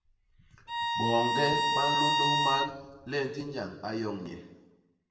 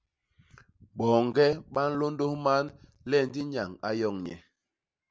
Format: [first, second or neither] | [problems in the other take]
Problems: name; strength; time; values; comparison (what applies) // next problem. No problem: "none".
second | background sound (Bowed string instrument); 4 dB above the speech // room echo; dies away in 1 s